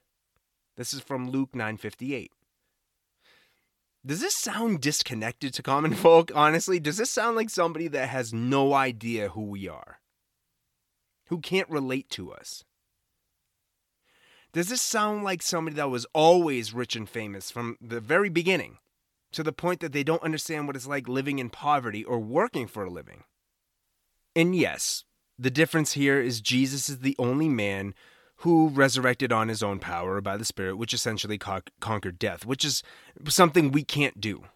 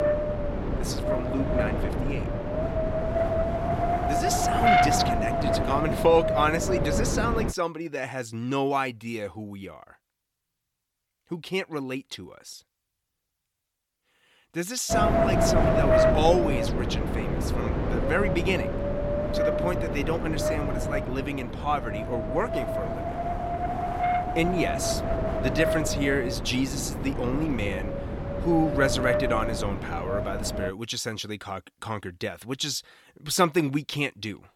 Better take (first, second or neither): first